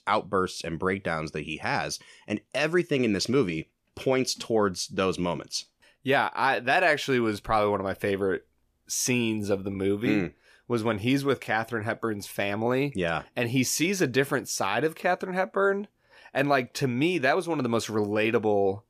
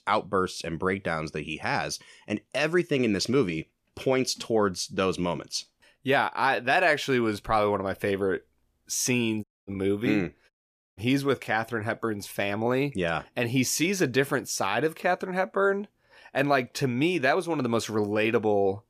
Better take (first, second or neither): first